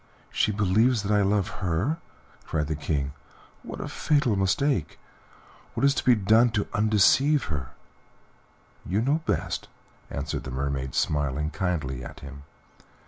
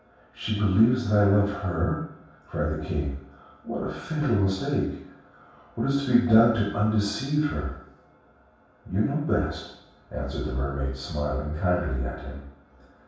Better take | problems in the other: first | room echo; dies away in 0.7 s

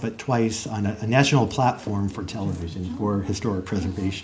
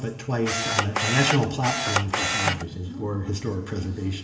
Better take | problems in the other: first | background sound (Camera); as loud as the speech // room echo; dies away in 1.6 s

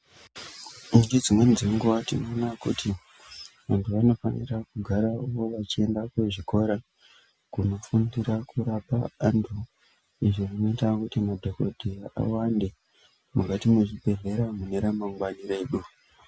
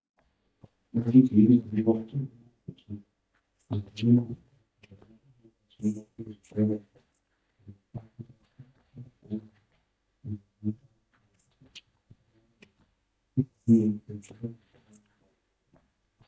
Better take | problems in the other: first | noise reduction (neural mask model DeepFilterNet 3)

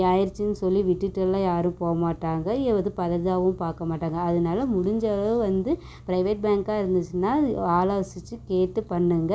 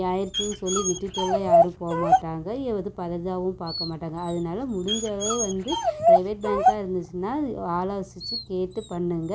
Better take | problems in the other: first | background sound (Dog); 2 dB above the speech

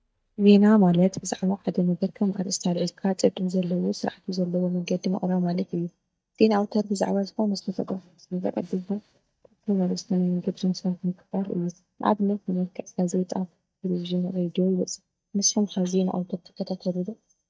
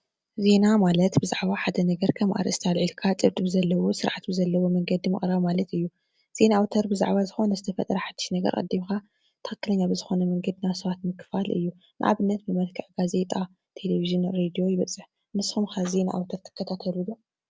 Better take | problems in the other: second | noise reduction (neural mask model DeepFilterNet 3)

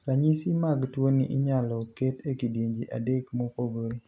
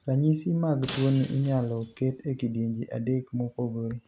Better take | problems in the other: first | background sound (Shatter); 16 dB below the speech

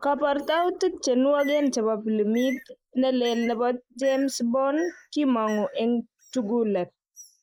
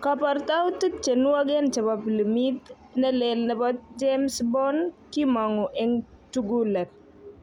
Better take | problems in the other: second | noise reduction (neural mask model Resemble Enhance denoiser)

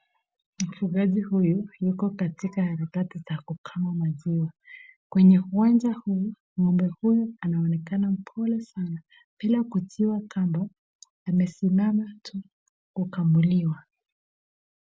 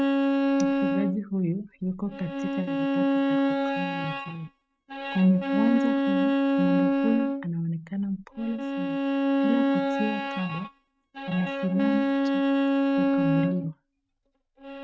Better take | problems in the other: first | noise reduction (neural mask model RNNoise)

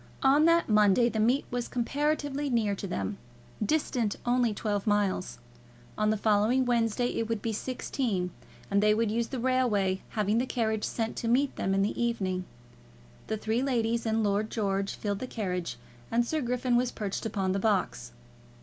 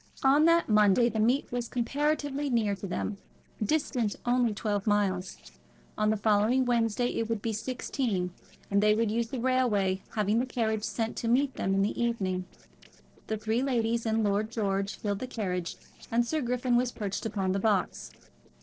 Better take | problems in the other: first | noise reduction (neural separator model SepFormer DNS4)

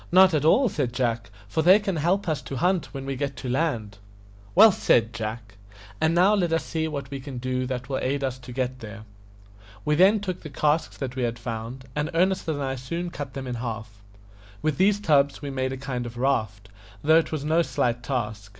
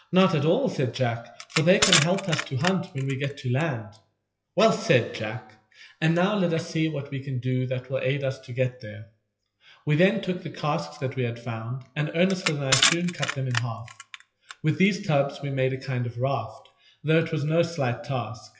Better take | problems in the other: first | noise reduction (classical method WPE with log-MMSE)

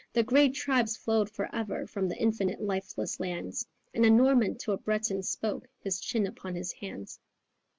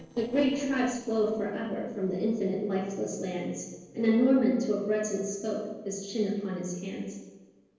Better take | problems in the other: first | noise reduction (neural separator model SepFormer DNS4)

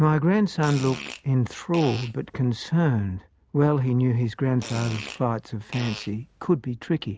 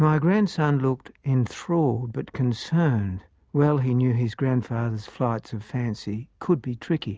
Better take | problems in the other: second | background sound (Fart); 16 dB below the speech

